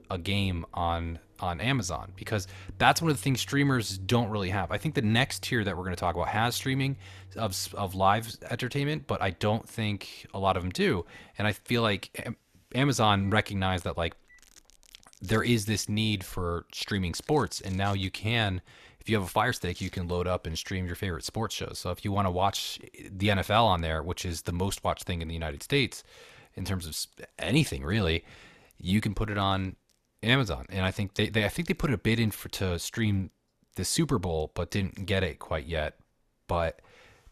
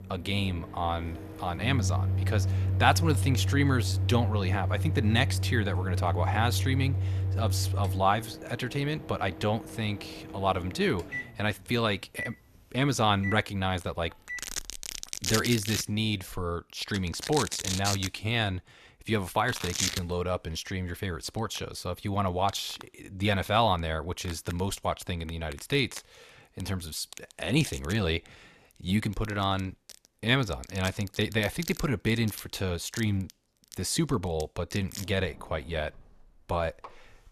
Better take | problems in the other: first | household noises; loud; throughout; 3 dB below the speech; faint in the first

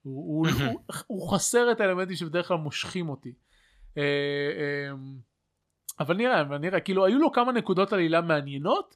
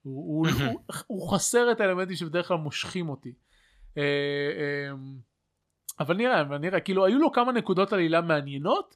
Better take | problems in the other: neither | none

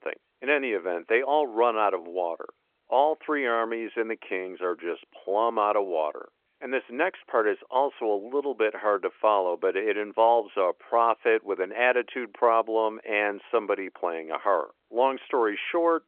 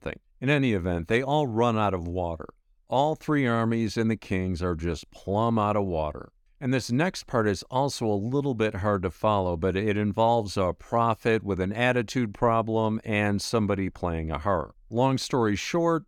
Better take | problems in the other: second | phone-call audio

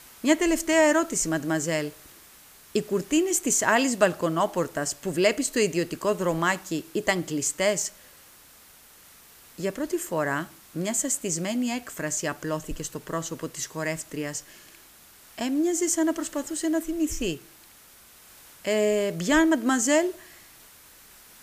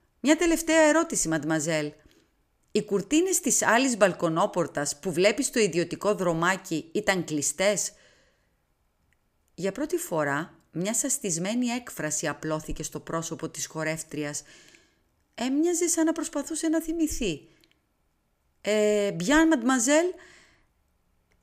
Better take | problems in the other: second | hiss; faint; throughout; 25 dB below the speech

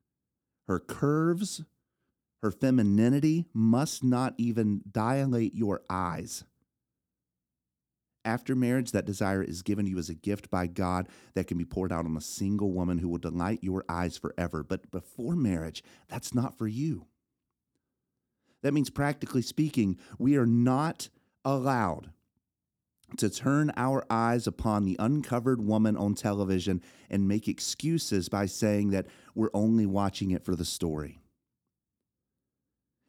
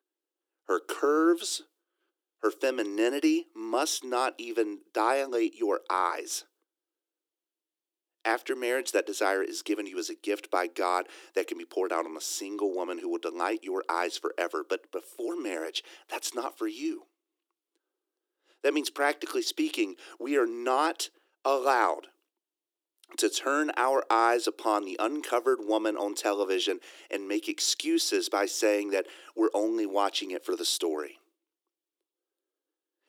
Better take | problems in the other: first | thin; very; fading below 300 Hz

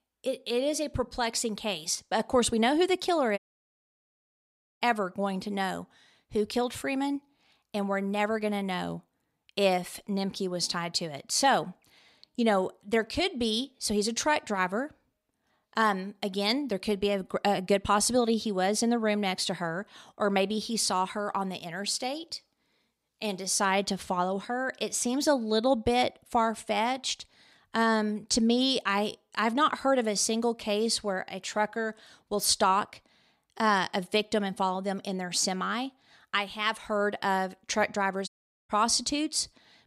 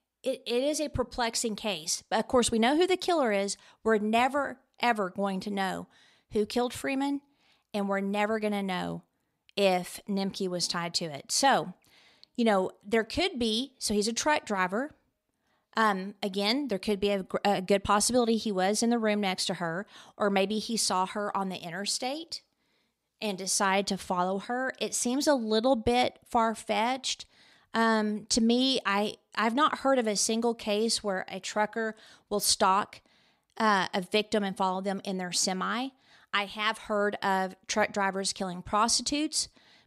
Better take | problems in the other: second | audio cutting out; at 3.5 s for 1.5 s and at 38 s

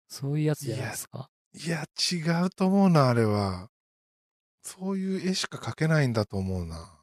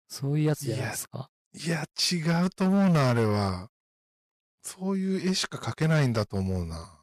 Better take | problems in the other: first | distortion; slight; 5% of the sound clipped

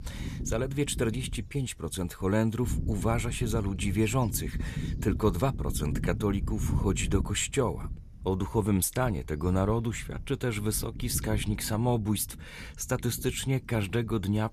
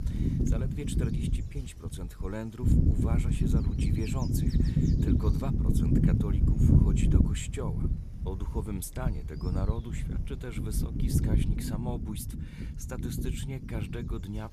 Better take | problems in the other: first | wind noise on the microphone; heavy; 3 dB above the speech; occasional gusts in the first

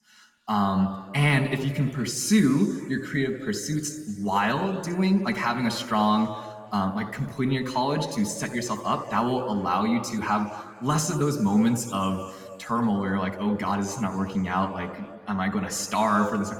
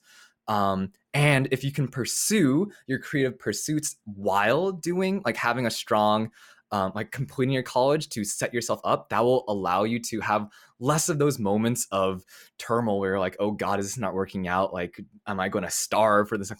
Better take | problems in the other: second | room echo; slight; dies away in 1.8 s

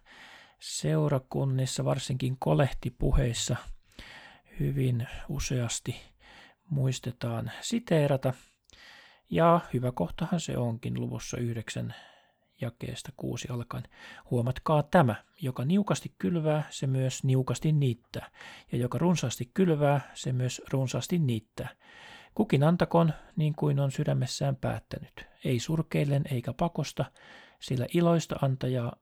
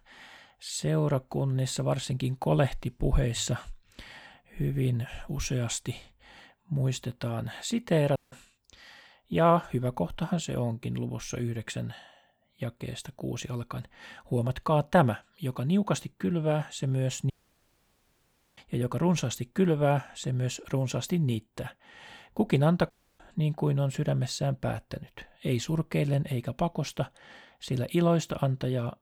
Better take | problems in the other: first | audio cutting out; at 8 s, at 17 s for 1.5 s and at 23 s

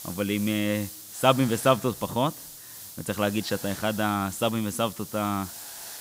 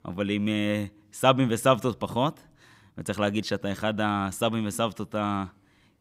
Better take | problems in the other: second | hiss; noticeable; throughout; 10 dB below the speech

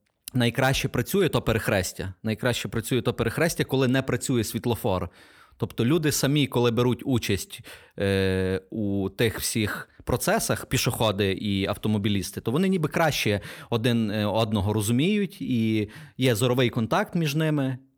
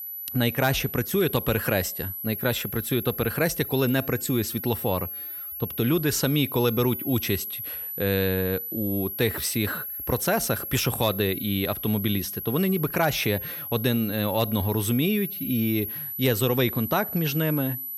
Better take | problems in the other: first | high-pitched whine; loud; throughout; 11.5 kHz, 6 dB below the speech

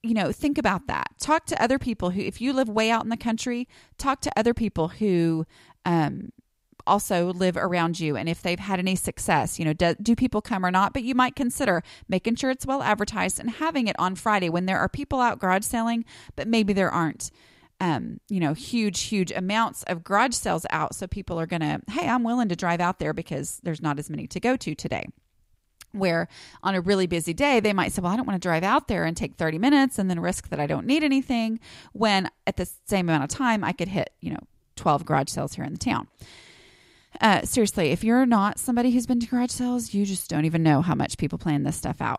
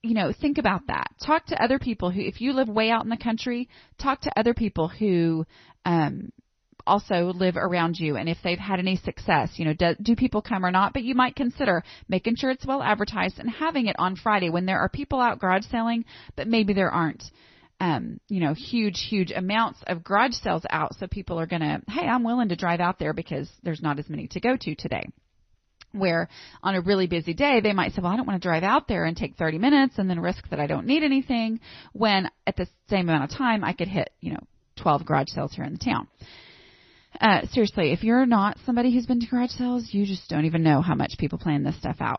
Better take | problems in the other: first | garbled, watery; slightly; nothing above 6 kHz

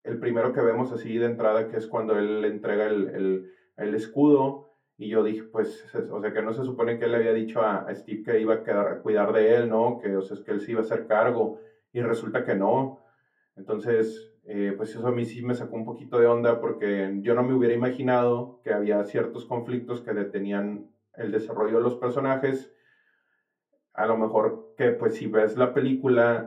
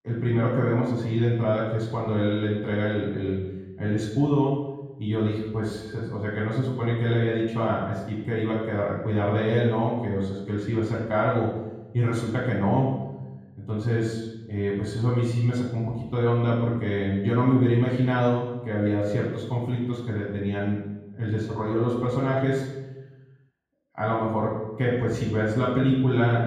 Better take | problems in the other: first | room echo; strong; dies away in 1.3 s; slight in the first // off-mic speech; far; far in the first

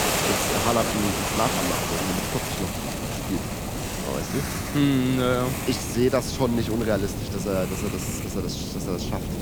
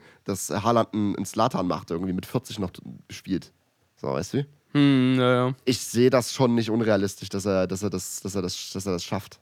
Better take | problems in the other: second | hiss; loud; throughout; 1 dB below the speech

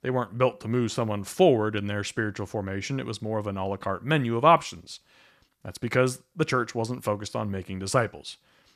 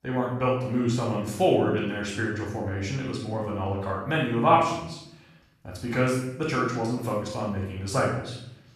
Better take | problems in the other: first | off-mic speech; far // room echo; noticeable; dies away in 0.8 s

